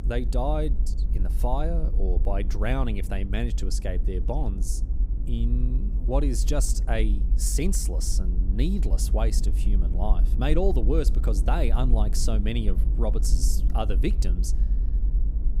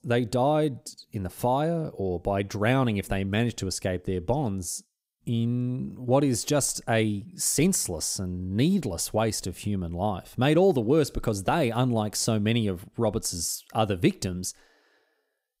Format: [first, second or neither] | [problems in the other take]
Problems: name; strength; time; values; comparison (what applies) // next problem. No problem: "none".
second | low rumble; noticeable; throughout; 15 dB below the speech